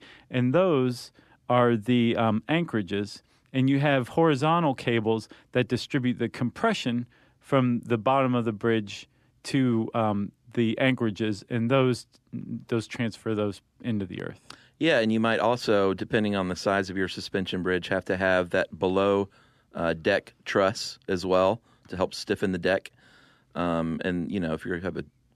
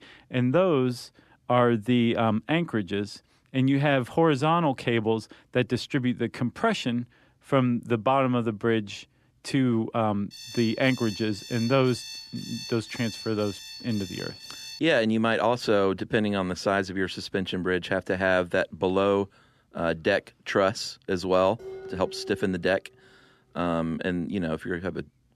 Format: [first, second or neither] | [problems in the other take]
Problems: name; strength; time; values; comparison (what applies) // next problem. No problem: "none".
first | alarm; faint; from 10 to 15 s; peak 10 dB below the speech // clattering dishes; faint; from 22 to 23 s; peak 15 dB below the speech